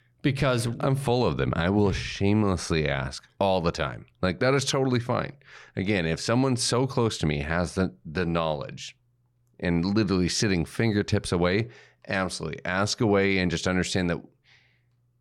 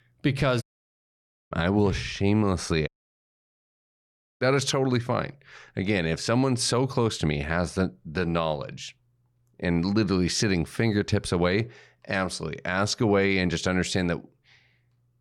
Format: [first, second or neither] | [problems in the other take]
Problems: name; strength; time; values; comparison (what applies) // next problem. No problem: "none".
first | audio cutting out; at 0.5 s for 1 s and at 3 s for 1.5 s